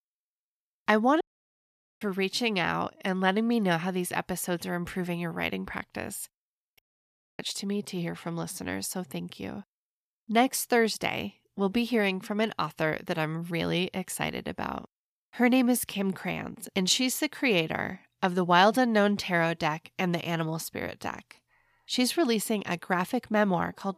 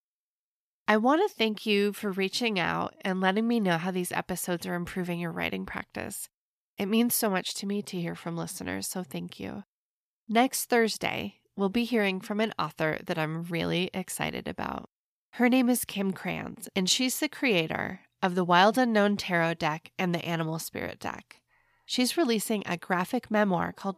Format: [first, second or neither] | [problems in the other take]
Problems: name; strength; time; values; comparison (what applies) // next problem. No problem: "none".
second | audio cutting out; at 1 s for 1 s and at 7 s for 0.5 s